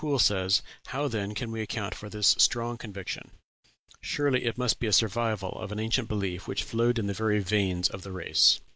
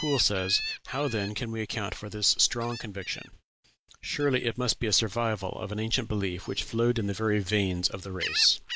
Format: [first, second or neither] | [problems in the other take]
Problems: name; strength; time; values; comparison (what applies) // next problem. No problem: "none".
first | background sound (Gull, seagull); 13 dB below the speech